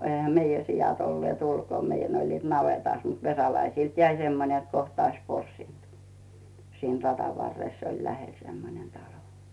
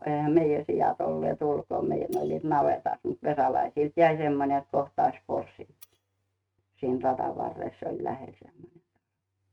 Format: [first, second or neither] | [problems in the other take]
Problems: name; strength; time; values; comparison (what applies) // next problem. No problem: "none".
first | noise reduction (neural mask model RNNoise)